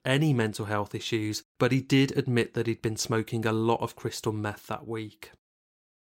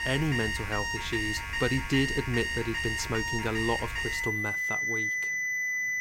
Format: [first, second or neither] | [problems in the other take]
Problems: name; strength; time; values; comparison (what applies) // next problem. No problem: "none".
first | alarms or sirens; very loud; throughout; 2 dB above the speech